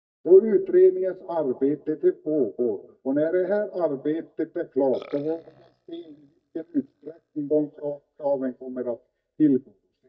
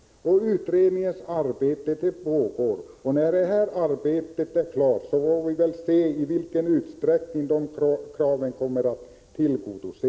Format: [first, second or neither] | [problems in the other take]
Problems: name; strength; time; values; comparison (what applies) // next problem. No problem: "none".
second | noise reduction (neural mask model DeepFilterNet 3)